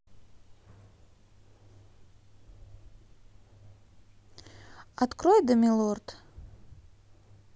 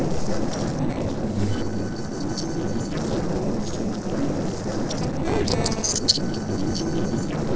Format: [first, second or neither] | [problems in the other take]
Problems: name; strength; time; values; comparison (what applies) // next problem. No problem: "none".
first | noise reduction (neural separator model SepFormer DNS4)